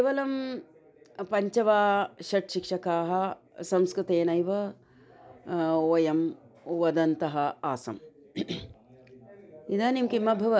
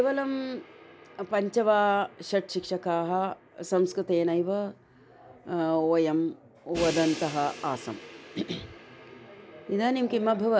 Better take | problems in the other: first | background sound (Crash cymbal); 18 dB below the speech

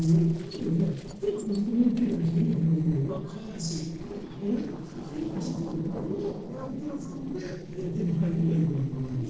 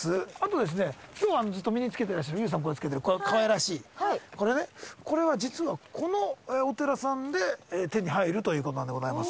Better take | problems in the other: second | noise reduction (neural separator model SepFormer DNS4)

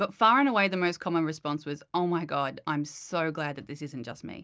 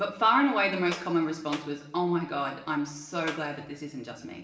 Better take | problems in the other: first | background sound (Clapping); 14 dB below the speech // room echo; dies away in 1 s

